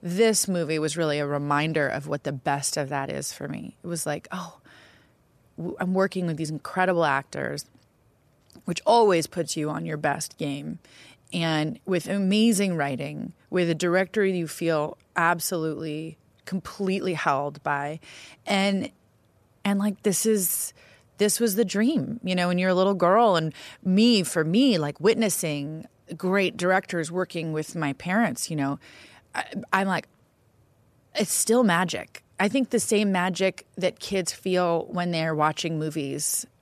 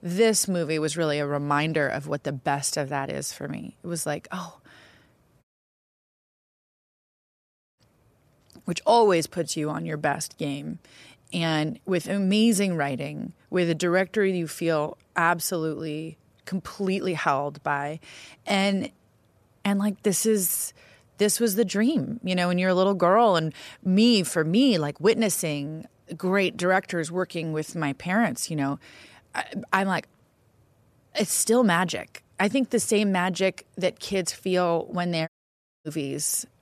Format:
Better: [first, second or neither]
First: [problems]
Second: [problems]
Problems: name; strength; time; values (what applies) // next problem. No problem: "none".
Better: first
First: none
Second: audio cutting out; at 5.5 s for 2.5 s and at 35 s for 0.5 s